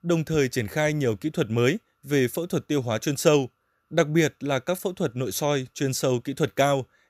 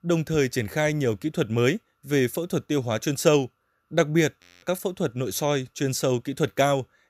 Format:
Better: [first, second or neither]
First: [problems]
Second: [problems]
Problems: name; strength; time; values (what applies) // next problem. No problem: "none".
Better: first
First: none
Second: audio freezing; at 4.5 s